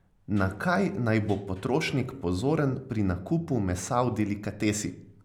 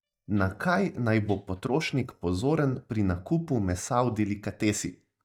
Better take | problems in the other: first | noise reduction (neural mask model DeepFilterNet 3)

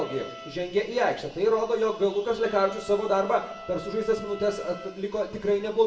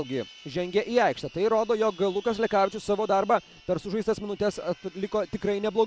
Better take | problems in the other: second | background sound (Trumpet); 18 dB below the speech // room echo; dies away in 0.7 s

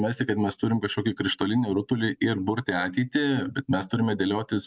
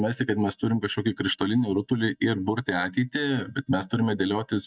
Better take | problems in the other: first | noise reduction (neural mask model DeepFilterNet 3)

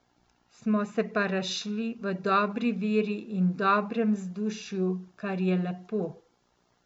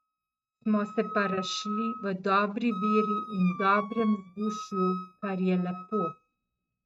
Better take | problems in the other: first | noise reduction (neural mask model RNNoise)

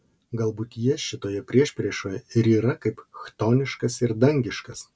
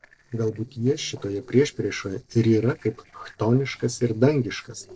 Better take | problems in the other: first | noise reduction (neural separator model SepFormer DNS4)

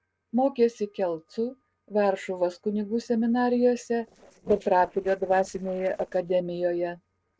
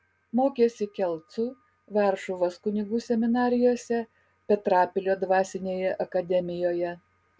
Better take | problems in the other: second | noise reduction (neural separator model SepFormer DNS4)

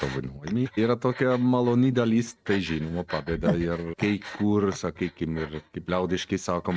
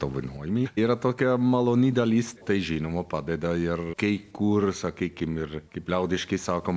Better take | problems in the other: second | noise reduction (neural mask model RNNoise)

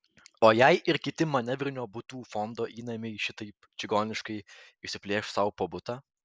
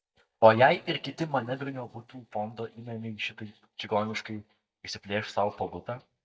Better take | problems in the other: first | noise reduction (neural mask model DeepFilterNet 3)

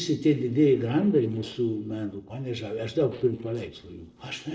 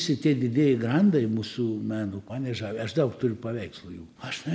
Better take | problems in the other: second | noise reduction (neural separator model SepFormer DNS4)

